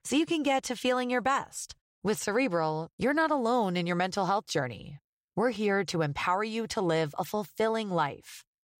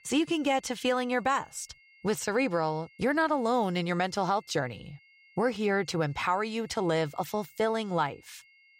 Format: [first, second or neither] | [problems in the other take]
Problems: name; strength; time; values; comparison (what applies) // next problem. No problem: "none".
first | high-pitched whine; faint; throughout; 2 kHz, 30 dB below the speech